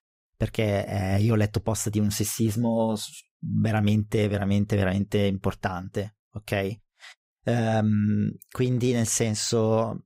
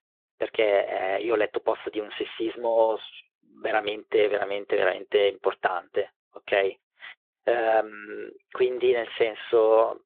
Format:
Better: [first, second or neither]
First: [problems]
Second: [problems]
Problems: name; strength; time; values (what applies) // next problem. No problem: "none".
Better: first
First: none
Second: phone-call audio; nothing above 3.5 kHz